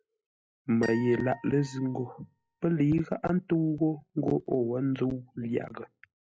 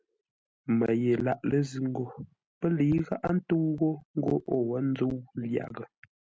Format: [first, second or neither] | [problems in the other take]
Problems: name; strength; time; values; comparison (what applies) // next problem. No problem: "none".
second | noise reduction (classical method log-MMSE)